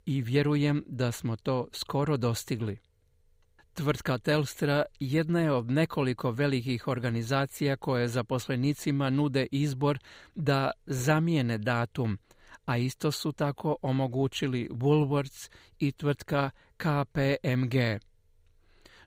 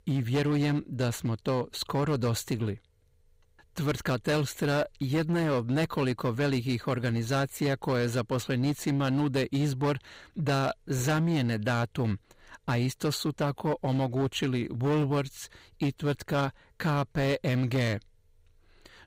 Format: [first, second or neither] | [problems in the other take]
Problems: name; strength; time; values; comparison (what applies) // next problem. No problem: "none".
first | distortion; slight; 10% of the sound clipped